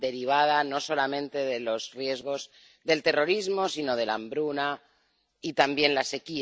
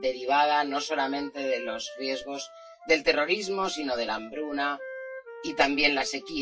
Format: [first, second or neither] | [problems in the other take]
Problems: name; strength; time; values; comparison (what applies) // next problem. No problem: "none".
first | noise reduction (classical method WPE with log-MMSE)